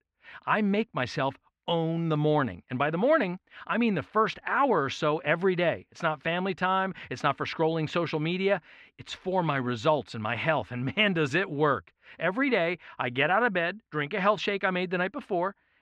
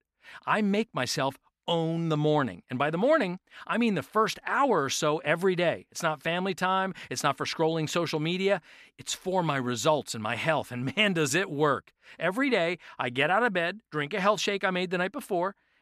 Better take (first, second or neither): second